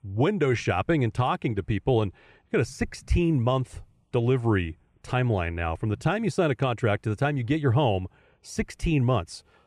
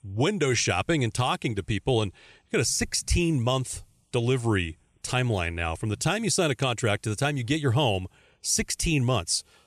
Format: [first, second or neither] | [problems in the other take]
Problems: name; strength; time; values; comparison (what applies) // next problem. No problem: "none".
second | muffled; very; fading above 3 kHz